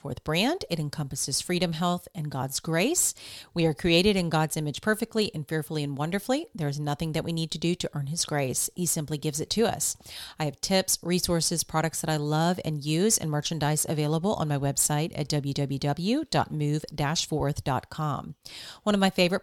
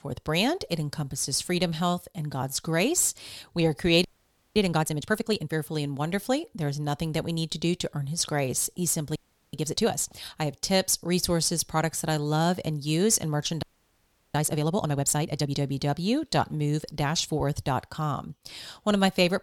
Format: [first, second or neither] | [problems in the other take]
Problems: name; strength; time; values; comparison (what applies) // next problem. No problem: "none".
first | audio freezing; at 4 s for 0.5 s, at 9 s and at 14 s for 0.5 s